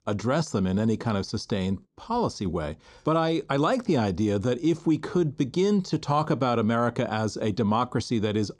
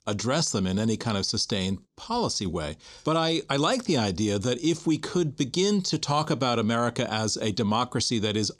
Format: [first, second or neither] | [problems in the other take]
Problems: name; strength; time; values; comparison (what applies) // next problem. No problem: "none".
second | muffled; slightly; fading above 2.5 kHz